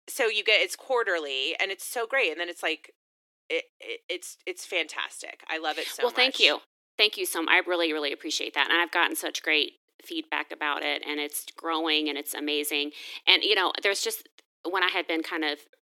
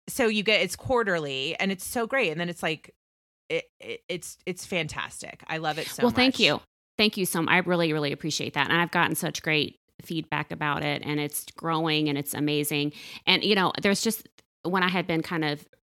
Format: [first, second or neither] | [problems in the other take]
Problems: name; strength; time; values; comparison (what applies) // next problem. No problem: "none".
second | thin; somewhat; fading below 300 Hz